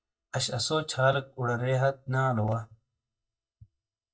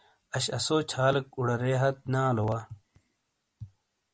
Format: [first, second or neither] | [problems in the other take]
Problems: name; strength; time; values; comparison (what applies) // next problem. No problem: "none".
second | noise reduction (neural mask model DeepFilterNet 3)